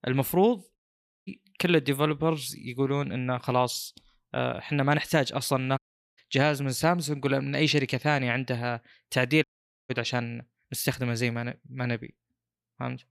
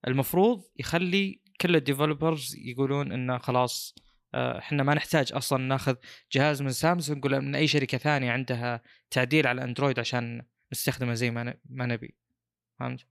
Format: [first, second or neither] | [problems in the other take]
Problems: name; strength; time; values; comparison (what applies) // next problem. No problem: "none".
second | audio cutting out; at 1 s for 0.5 s, at 6 s and at 9.5 s